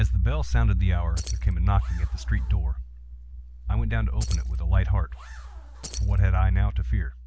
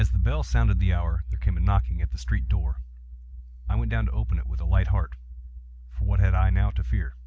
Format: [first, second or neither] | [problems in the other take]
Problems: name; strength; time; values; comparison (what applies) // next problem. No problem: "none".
second | background sound (Keys jangling + Zipper (clothing)); 18 dB below the speech